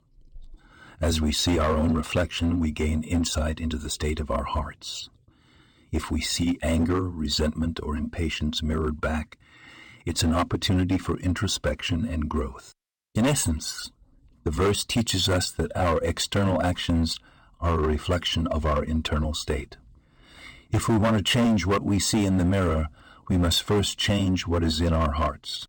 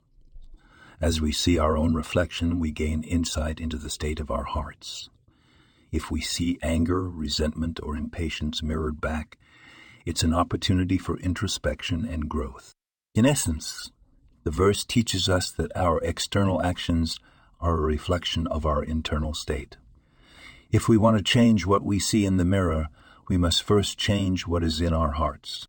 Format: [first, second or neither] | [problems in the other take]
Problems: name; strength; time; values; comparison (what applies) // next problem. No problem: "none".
second | distortion; slight; 8% of the sound clipped